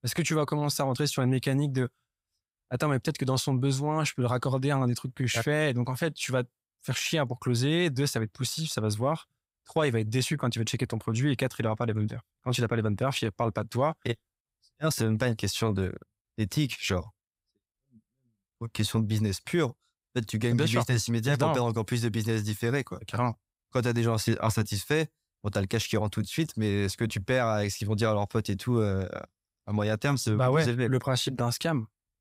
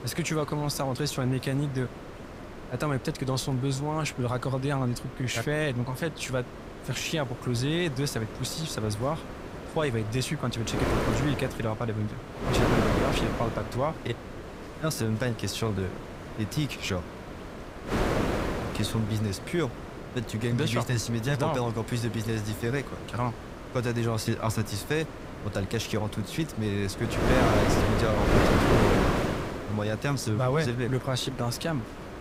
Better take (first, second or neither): first